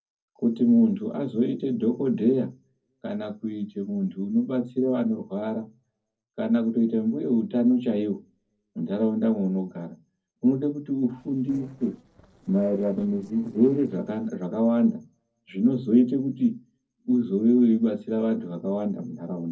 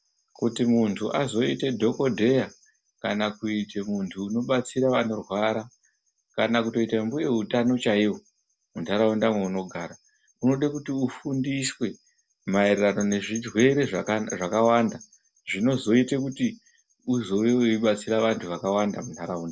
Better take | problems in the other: second | noise reduction (neural separator model SepFormer DNS4)

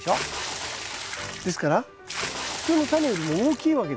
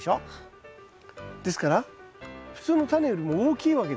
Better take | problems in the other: second | background sound (Water / Splash, splatter); 8 dB below the speech

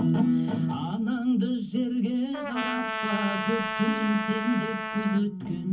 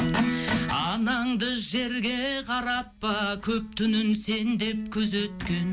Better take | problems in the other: second | background sound (Trumpet); 5 dB below the speech // room echo; dies away in 0.3 s

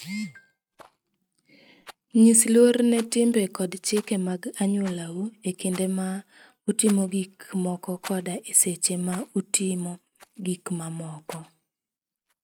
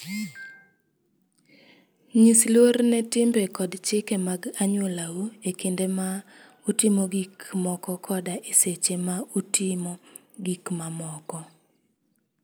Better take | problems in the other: second | noise reduction (neural mask model RNNoise)

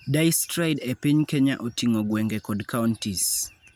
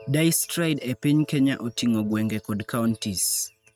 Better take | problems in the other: first | noise reduction (neural mask model RNNoise)

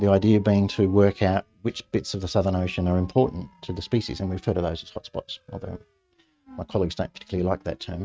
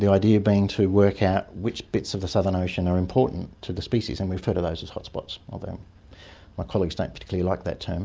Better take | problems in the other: second | noise reduction (neural mask model RNNoise)

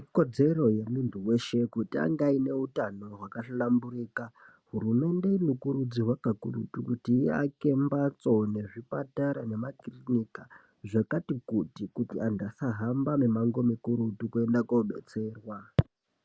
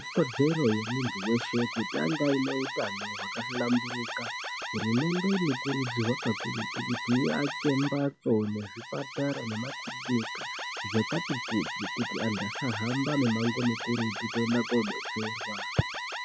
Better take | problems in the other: first | noise reduction (classical method log-MMSE)

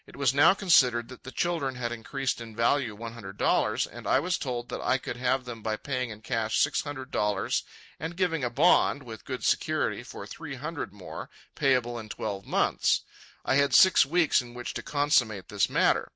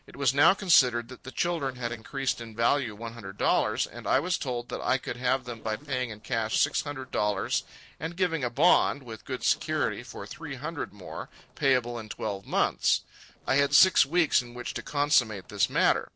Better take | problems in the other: first | noise reduction (neural separator model SepFormer DNS4)

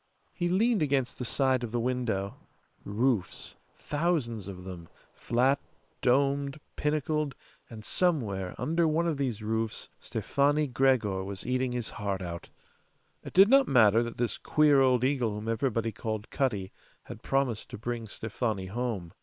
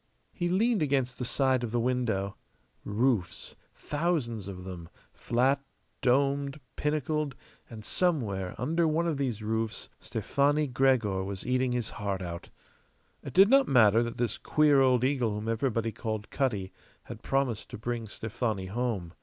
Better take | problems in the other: second | noise reduction (neural separator model SepFormer WHAM!)

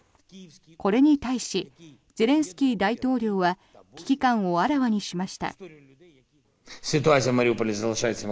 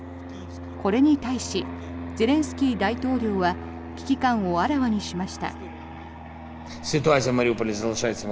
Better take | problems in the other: first | background sound (Fixed-wing aircraft, airplane); 11 dB below the speech

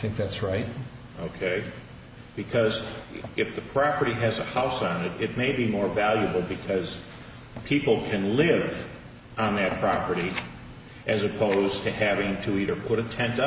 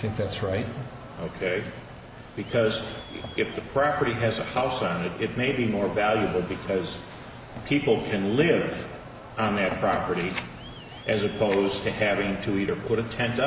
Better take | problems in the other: first | background sound (Crowd); 18 dB below the speech

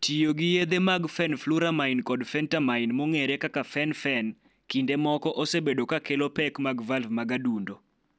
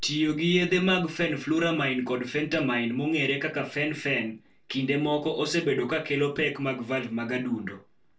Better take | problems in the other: first | room echo; dies away in 0.2 s

